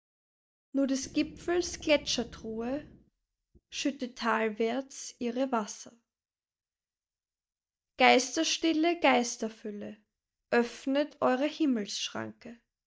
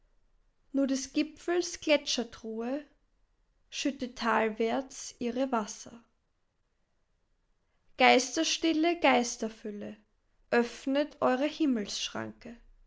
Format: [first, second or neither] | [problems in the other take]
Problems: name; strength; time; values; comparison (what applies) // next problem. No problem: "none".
second | noise reduction (neural mask model DeepFilterNet 3)